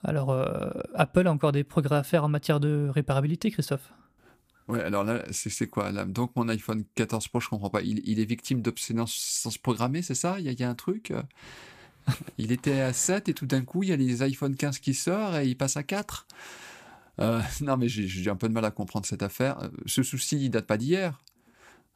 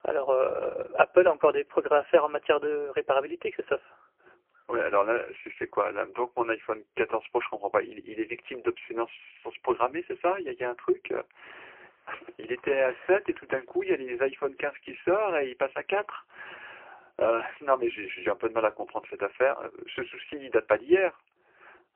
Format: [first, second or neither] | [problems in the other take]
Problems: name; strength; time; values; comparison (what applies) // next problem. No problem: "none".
first | phone-call audio; poor line; nothing above 3 kHz